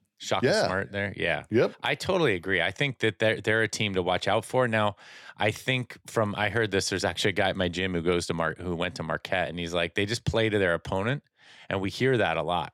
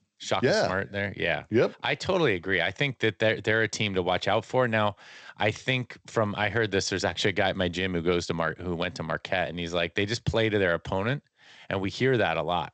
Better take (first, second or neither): first